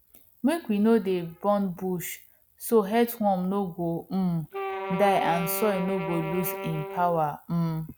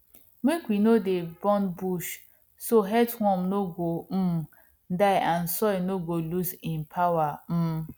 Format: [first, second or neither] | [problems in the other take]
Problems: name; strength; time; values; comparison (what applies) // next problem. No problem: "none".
second | background sound (Wind instrument, woodwind instrument); 8 dB below the speech